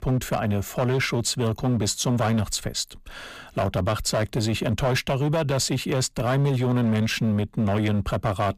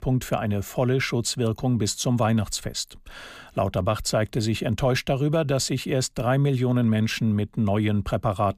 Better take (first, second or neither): second